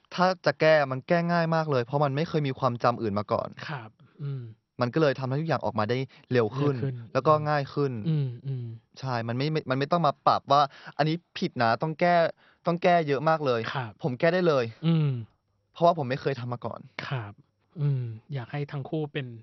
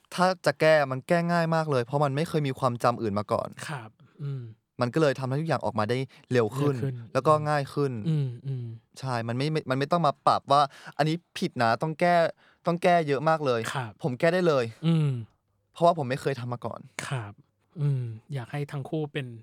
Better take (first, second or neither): second